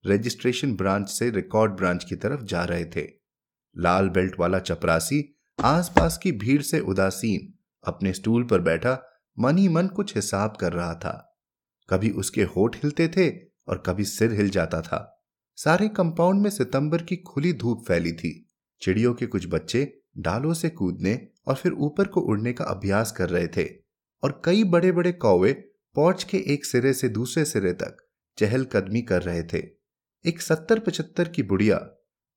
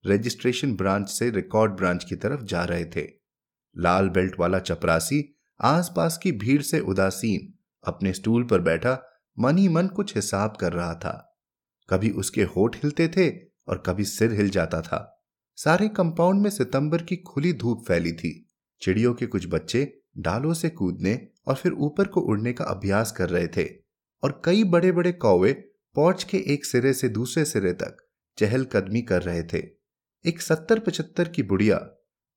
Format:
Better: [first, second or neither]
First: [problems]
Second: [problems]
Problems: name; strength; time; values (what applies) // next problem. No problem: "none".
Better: second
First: footsteps; loud; at 5.5 s; peak 1 dB above the speech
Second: none